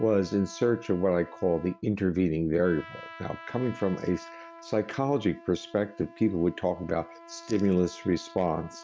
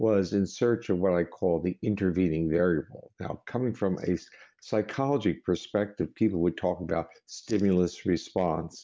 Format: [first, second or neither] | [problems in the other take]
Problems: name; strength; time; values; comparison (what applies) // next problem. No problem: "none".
second | background sound (Trumpet); 20 dB below the speech